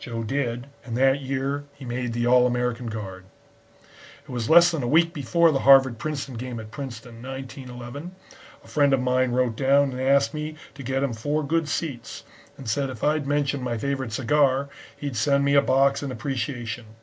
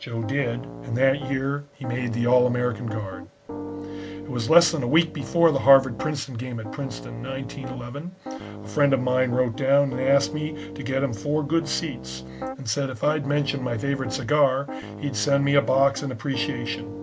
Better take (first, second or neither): first